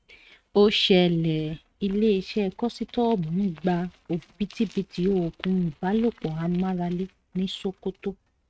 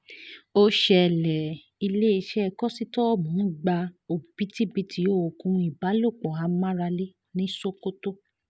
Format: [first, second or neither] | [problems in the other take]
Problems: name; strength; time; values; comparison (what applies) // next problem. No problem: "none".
second | noise reduction (neural mask model RNNoise)